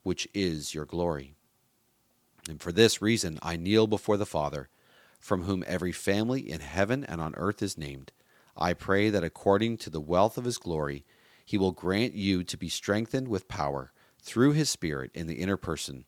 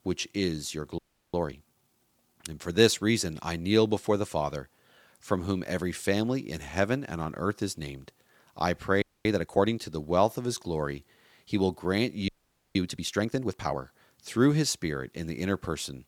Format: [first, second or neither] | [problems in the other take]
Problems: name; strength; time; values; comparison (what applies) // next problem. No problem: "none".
first | audio freezing; at 1 s, at 9 s and at 12 s